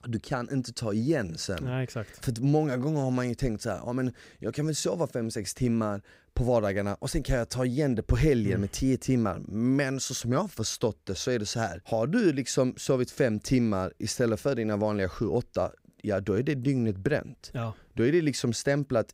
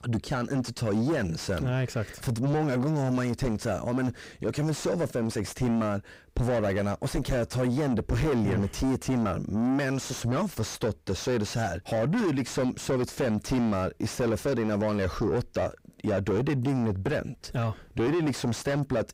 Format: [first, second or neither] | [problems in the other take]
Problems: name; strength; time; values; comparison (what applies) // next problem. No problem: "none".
first | distortion; heavy; 6 dB below the speech